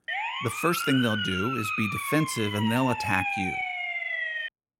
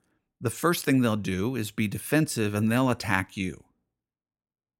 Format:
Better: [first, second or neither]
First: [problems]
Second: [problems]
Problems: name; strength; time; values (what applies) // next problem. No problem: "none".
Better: second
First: siren; loud; peak level with the speech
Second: none